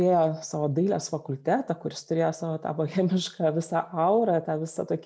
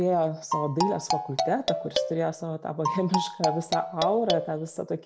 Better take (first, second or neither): first